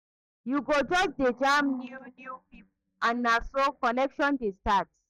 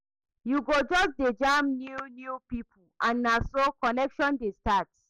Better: second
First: noise reduction (neural mask model DeepFilterNet 3)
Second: none

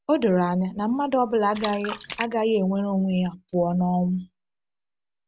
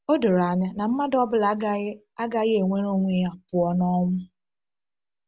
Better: second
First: background sound (Splash, splatter); 14 dB below the speech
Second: none

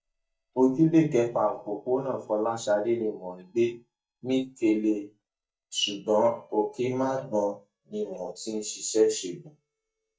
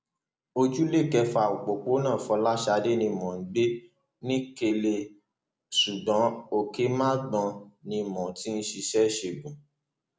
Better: second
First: noise reduction (neural mask model DeepFilterNet 3)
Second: none

